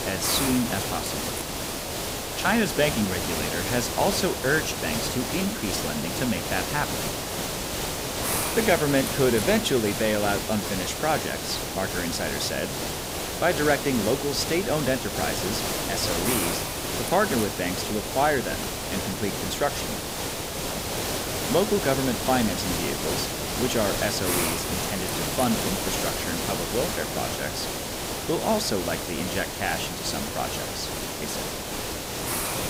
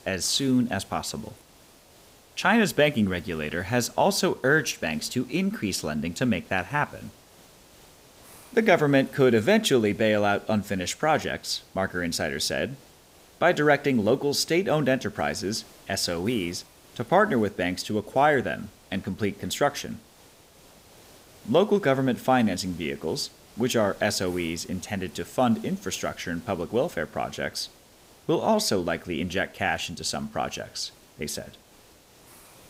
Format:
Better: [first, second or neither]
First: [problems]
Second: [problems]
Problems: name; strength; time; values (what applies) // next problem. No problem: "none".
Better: second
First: hiss; loud; throughout; 1 dB below the speech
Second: hiss; faint; throughout; 25 dB below the speech